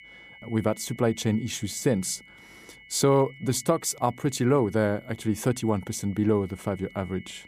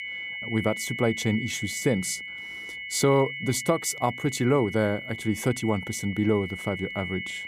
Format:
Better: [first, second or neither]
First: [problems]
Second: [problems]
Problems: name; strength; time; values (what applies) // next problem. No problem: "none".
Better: first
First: high-pitched whine; faint; throughout; 2 kHz, 20 dB below the speech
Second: high-pitched whine; loud; throughout; 2 kHz, 8 dB below the speech